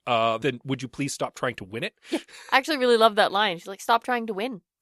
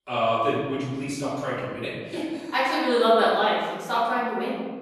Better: first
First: none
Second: off-mic speech; far // room echo; strong; dies away in 1.3 s

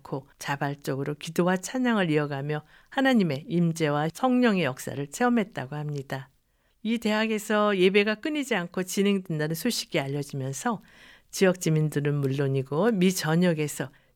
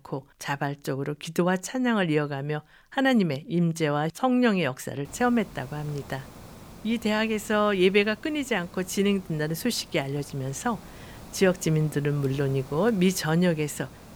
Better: first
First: none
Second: hiss; faint; from 5 s on; 20 dB below the speech

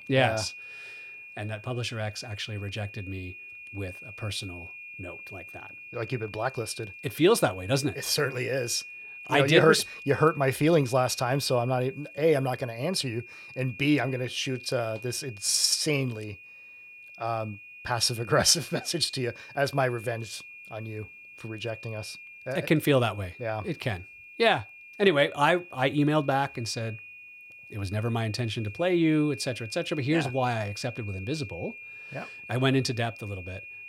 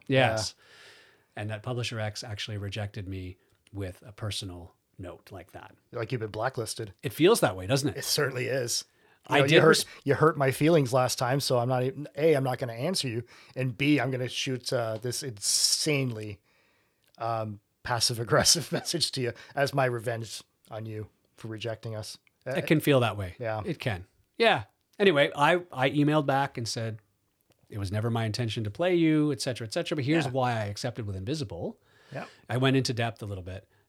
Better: second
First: high-pitched whine; noticeable; throughout; 2.5 kHz, 15 dB below the speech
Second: none

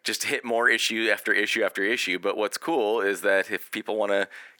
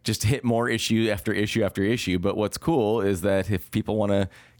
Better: second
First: thin; very; fading below 350 Hz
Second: none

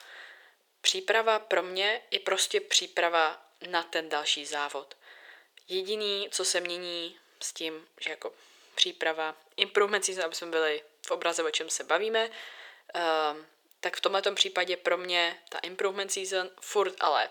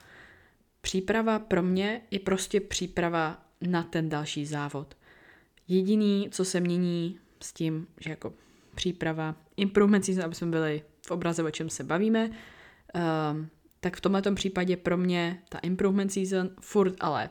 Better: second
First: thin; very; fading below 500 Hz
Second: none

